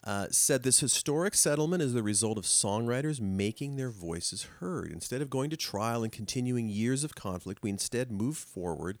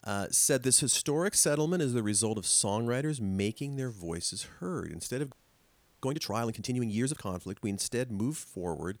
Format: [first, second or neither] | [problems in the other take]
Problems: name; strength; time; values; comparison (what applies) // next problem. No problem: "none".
first | audio freezing; at 5.5 s for 0.5 s